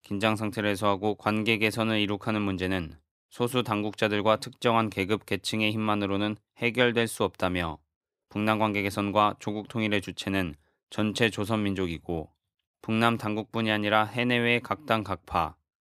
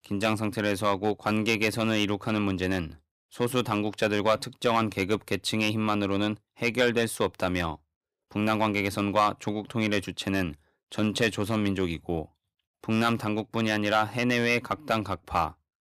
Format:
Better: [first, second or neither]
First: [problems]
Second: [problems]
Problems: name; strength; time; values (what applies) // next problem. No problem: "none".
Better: first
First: none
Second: distortion; slight; 1.5% of the sound clipped